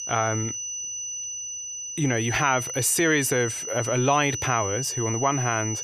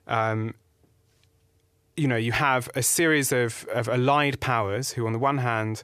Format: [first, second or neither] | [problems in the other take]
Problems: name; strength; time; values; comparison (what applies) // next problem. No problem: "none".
second | high-pitched whine; loud; throughout; 6 kHz, 5 dB below the speech